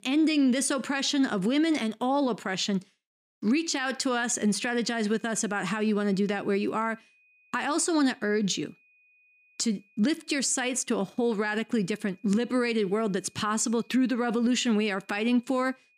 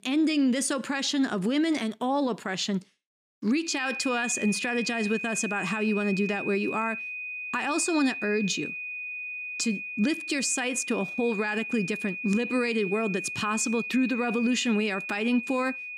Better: first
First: high-pitched whine; faint; from 3.5 s on; 2.5 kHz, 35 dB below the speech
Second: high-pitched whine; loud; from 3.5 s on; 2.5 kHz, 6 dB below the speech

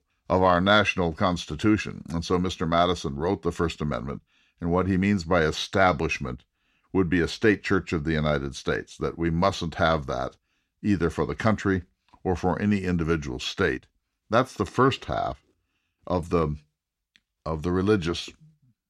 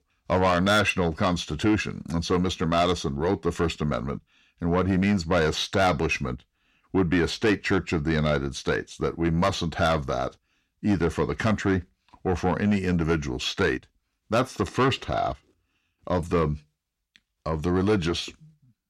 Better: first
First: none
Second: distortion; slight; 10 dB below the speech

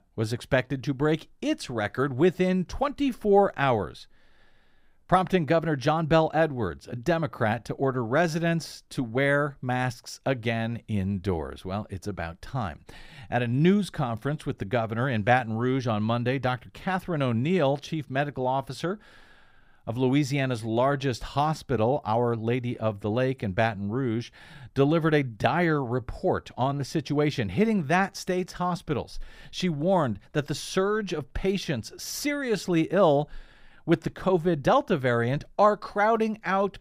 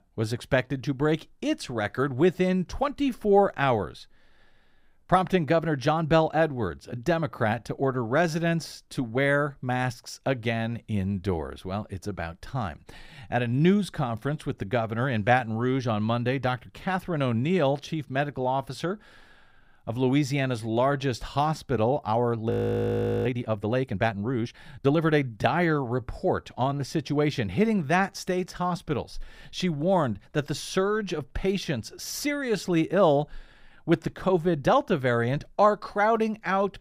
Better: first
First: none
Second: audio freezing; at 23 s for 1 s

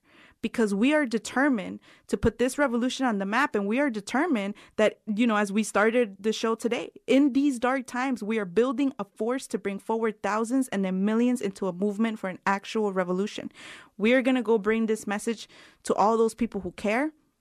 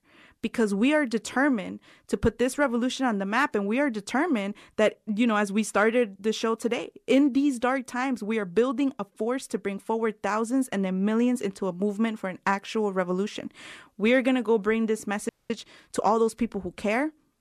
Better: first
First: none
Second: audio freezing; at 15 s

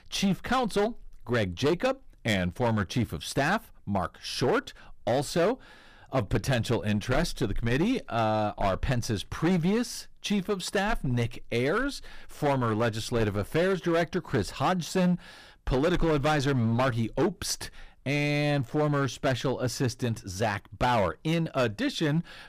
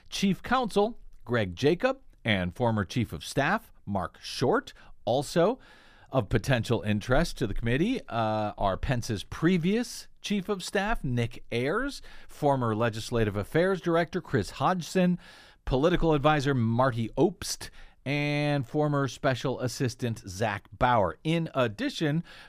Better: second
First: distortion; slight; 9% of the sound clipped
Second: none

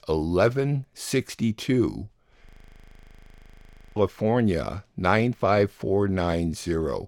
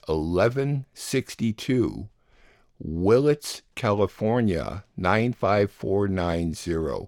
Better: second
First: audio freezing; at 2.5 s for 1.5 s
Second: none

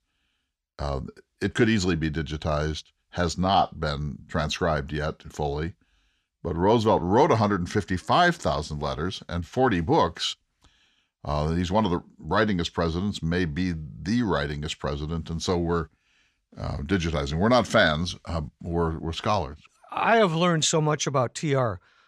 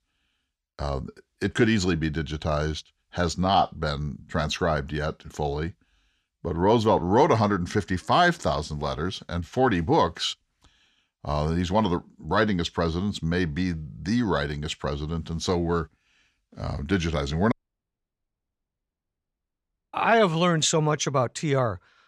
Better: first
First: none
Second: audio cutting out; at 18 s for 2.5 s

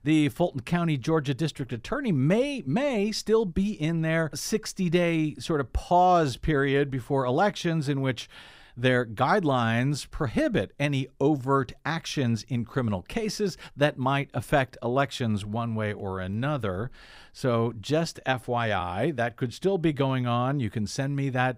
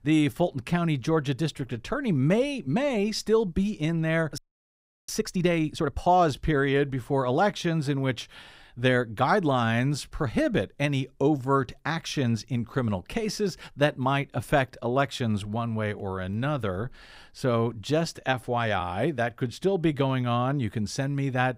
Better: first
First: none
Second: audio freezing; at 4.5 s for 0.5 s

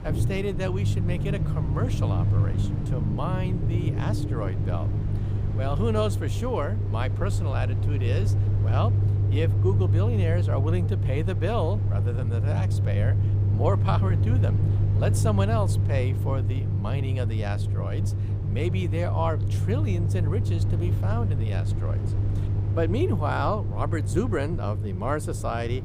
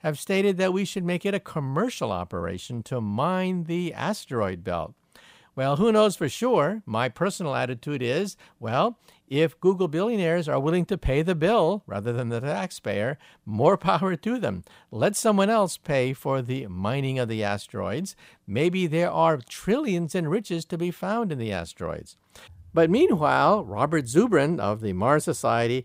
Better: second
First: low rumble; loud; throughout; 6 dB below the speech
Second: none

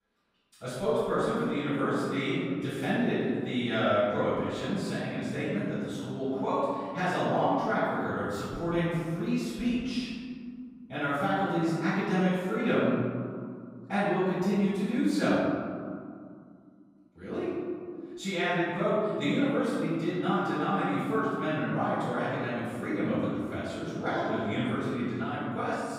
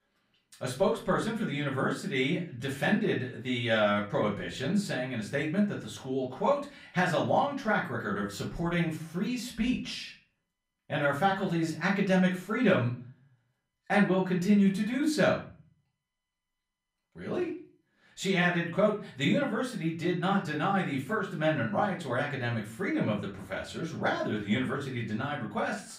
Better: second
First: room echo; strong; dies away in 2.2 s // off-mic speech; far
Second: room echo; slight; dies away in 0.4 s // off-mic speech; far

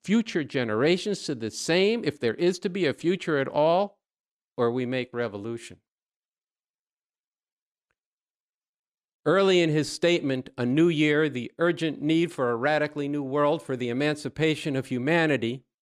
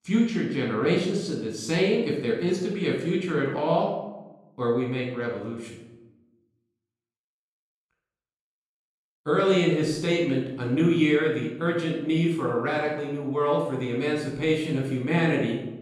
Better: first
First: none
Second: off-mic speech; far // room echo; noticeable; dies away in 0.8 s

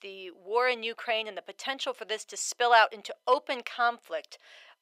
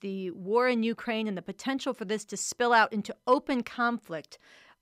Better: second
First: thin; very; fading below 450 Hz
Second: none

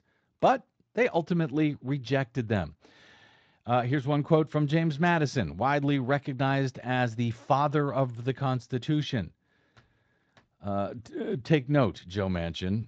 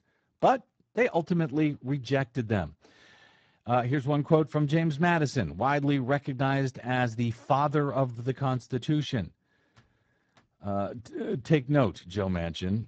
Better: first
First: garbled, watery; slightly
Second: garbled, watery; badly; nothing above 7.5 kHz

